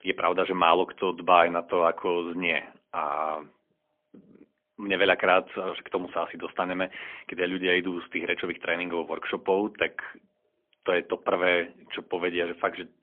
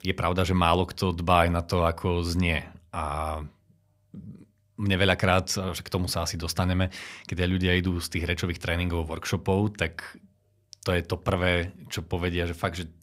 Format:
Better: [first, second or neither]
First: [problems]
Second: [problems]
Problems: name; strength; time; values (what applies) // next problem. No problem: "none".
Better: second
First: phone-call audio; poor line; nothing above 3.5 kHz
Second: none